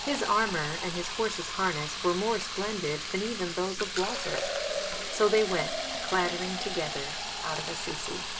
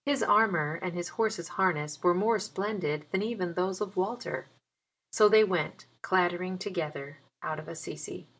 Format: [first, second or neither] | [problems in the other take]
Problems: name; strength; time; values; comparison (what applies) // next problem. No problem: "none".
second | background sound (Fill (with liquid)); 3 dB below the speech